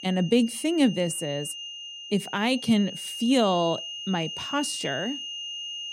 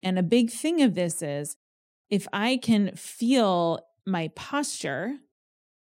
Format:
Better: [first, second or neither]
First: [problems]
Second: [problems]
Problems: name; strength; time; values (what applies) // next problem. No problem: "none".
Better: second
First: high-pitched whine; loud; throughout; 3 kHz, 8 dB below the speech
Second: none